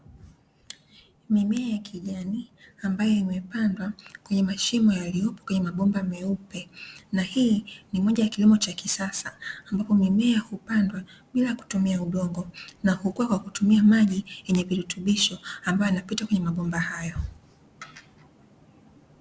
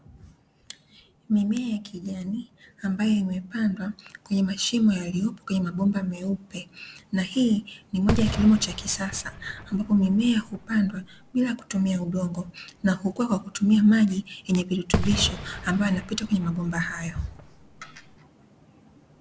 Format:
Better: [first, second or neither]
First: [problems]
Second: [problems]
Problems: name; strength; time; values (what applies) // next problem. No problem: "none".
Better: first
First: none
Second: background sound (Fireworks); 6 dB below the speech